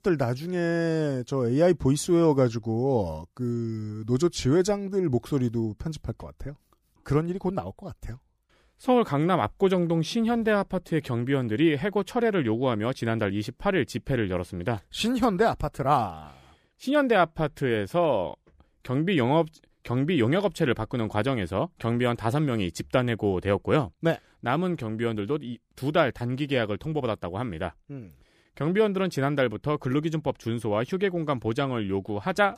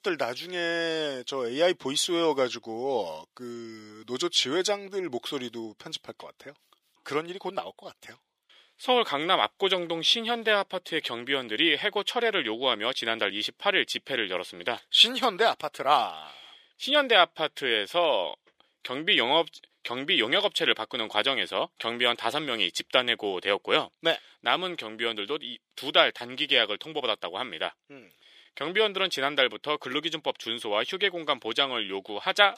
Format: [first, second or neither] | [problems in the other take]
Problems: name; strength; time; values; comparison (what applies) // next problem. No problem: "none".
first | thin; somewhat; fading below 450 Hz